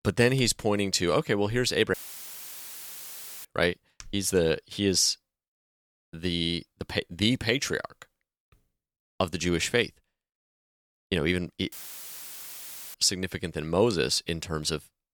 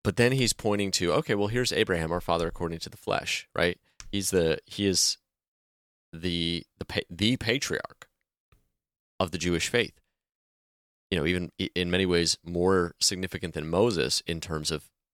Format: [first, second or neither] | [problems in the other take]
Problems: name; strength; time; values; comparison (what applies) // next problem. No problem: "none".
second | audio cutting out; filled with static; at 2 s for 1.5 s and at 12 s for 1 s